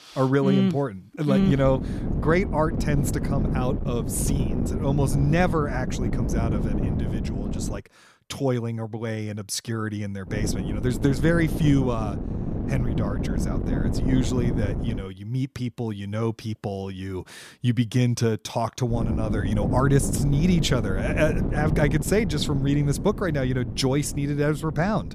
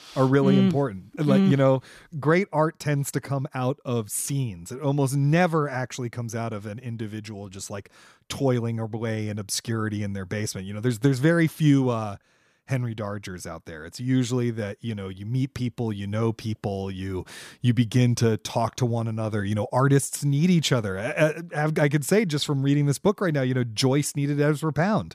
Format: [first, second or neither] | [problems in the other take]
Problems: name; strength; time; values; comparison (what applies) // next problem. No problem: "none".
second | wind noise on the microphone; heavy; from 1.5 to 8 s, from 10 to 15 s and from 19 s on; 7 dB below the speech